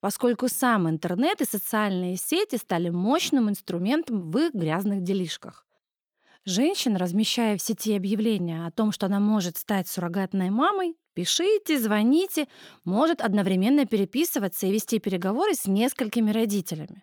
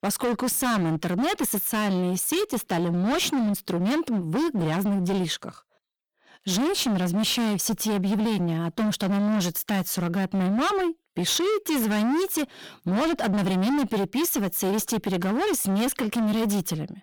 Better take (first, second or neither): first